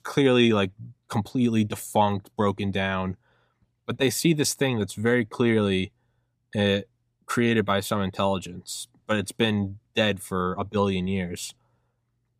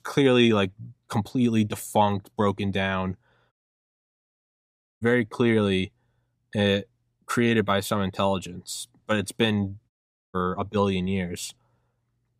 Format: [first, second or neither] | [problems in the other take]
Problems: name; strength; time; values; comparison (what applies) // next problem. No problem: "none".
first | audio cutting out; at 3.5 s for 1.5 s and at 10 s